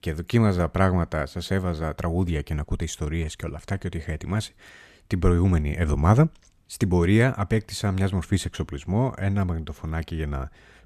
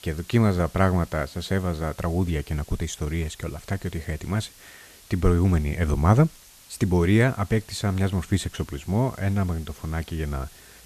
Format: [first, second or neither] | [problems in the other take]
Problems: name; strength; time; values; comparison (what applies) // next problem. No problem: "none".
first | hiss; faint; throughout; 25 dB below the speech